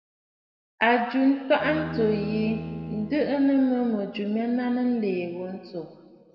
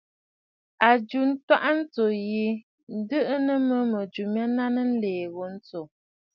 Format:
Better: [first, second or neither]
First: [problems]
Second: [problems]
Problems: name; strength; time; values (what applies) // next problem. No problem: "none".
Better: second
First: background sound (Bowed string instrument); 12 dB below the speech // room echo; dies away in 2.1 s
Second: none